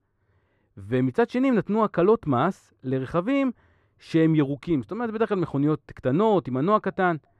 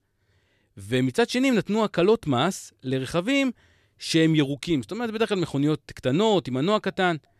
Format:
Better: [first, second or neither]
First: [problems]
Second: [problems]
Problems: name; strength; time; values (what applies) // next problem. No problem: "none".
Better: second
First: muffled; very; fading above 2.5 kHz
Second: none